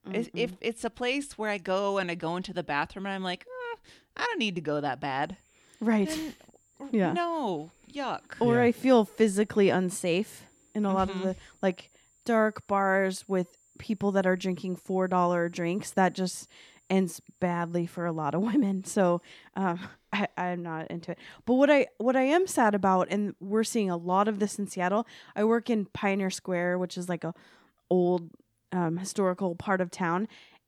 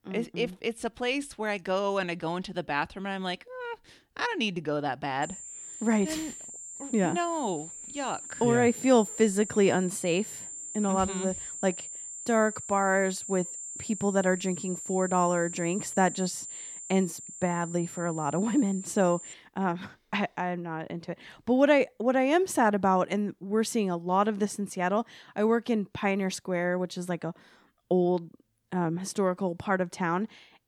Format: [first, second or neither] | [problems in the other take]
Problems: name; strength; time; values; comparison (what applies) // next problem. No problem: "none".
first | high-pitched whine; loud; from 5 to 19 s; 7.5 kHz, 10 dB below the speech; faint in the first